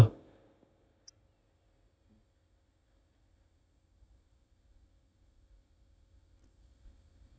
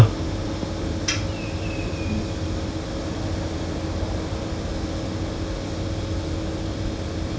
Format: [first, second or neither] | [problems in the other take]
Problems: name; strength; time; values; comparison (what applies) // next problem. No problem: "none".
second | noise reduction (neural mask model DeepFilterNet 3)